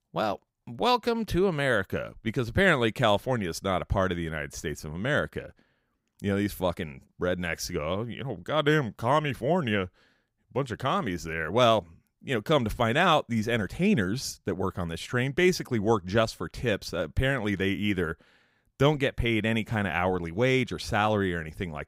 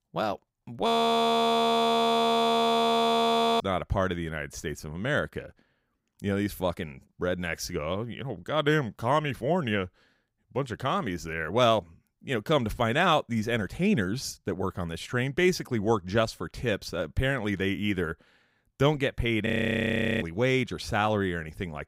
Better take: first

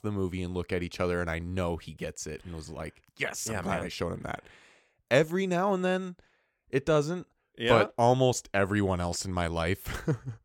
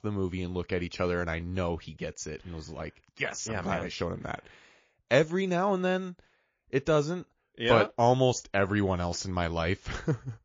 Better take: first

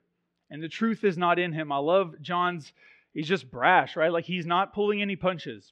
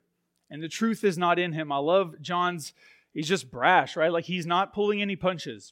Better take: second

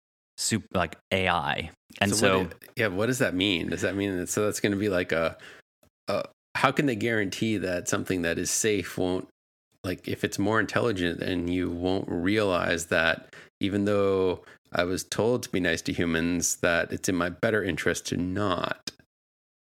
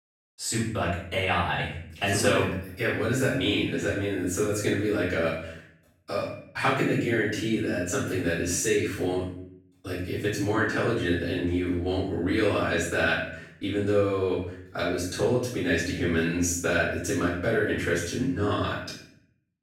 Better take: first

